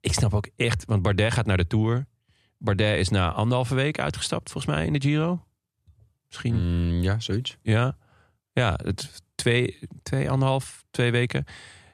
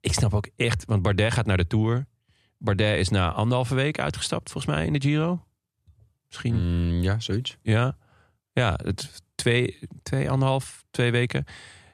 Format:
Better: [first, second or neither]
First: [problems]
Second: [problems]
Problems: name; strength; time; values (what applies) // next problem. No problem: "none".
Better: neither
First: none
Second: none